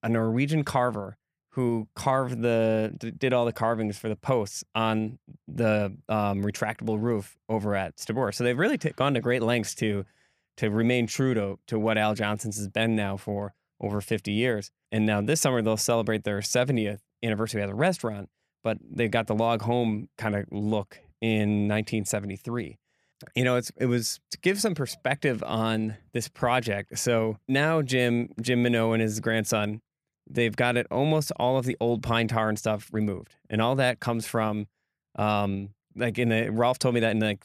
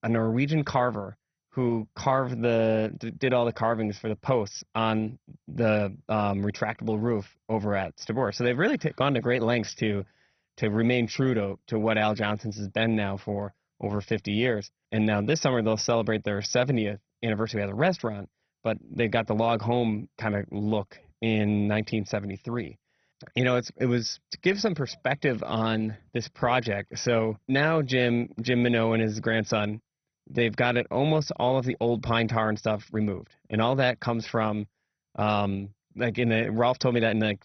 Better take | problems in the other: first | garbled, watery; badly; nothing above 6 kHz

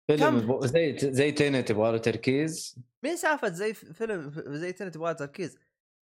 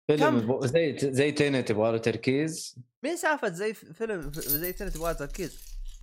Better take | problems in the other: first | jangling keys; noticeable; from 4 s on; peak 1 dB below the speech

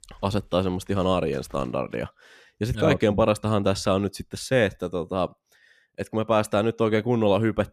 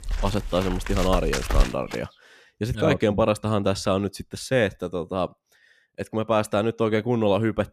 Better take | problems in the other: first | animal sounds; loud; until 2 s; 5 dB below the speech; faint in the first

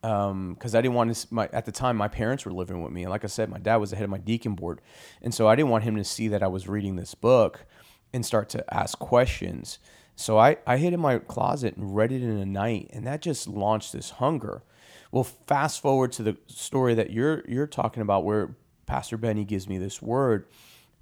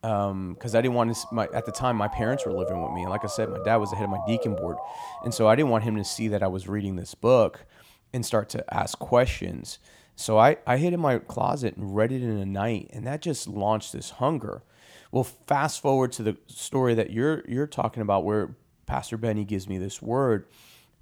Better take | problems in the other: first | siren; noticeable; from 0.5 to 6 s; peak 3 dB below the speech

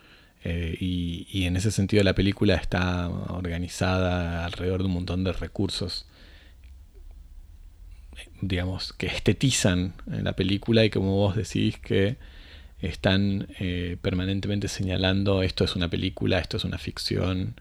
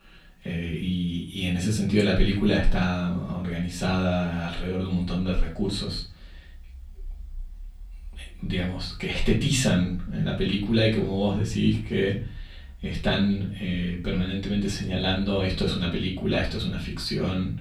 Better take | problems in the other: first | room echo; slight; dies away in 0.3 s // off-mic speech; far

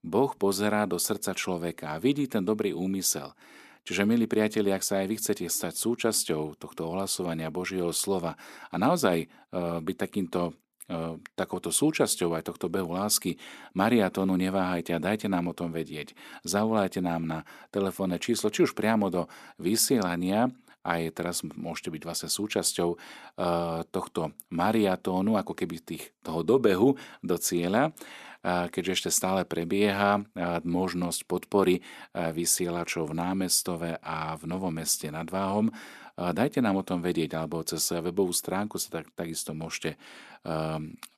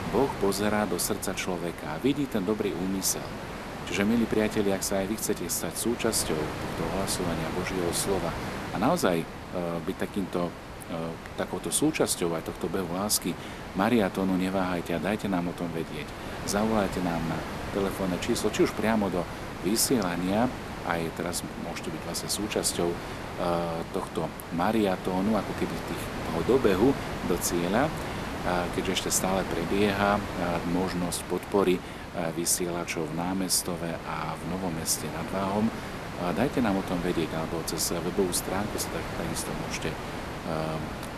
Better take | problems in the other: first | hiss; loud; throughout; 8 dB below the speech

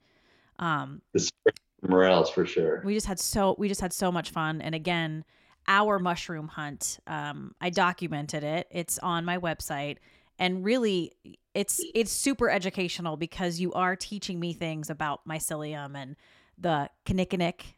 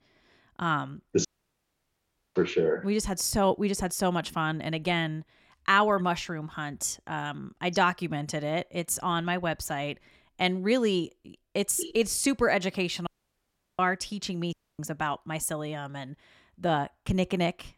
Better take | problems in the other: first | audio cutting out; at 1.5 s for 1 s, at 13 s for 0.5 s and at 15 s

